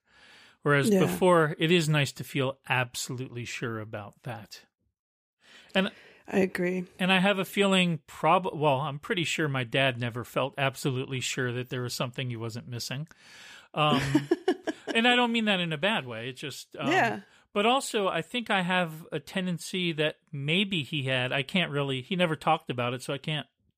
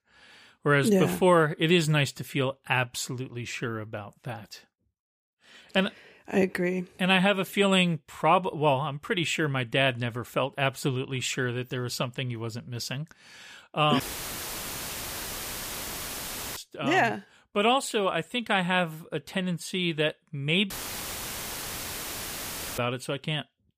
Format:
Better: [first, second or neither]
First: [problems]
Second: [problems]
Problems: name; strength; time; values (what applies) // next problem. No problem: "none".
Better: first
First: none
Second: audio cutting out; filled with static; at 14 s for 2.5 s and at 21 s for 2 s